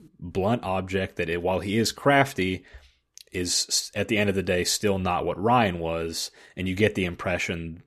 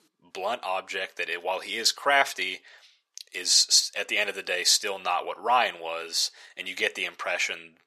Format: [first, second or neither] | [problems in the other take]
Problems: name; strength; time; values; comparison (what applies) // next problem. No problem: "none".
first | thin; very; fading below 800 Hz